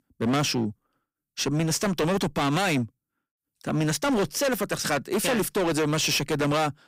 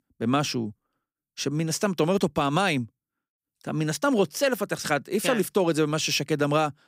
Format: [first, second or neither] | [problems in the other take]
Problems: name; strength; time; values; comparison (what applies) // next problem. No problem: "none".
second | distortion; heavy; 19% of the sound clipped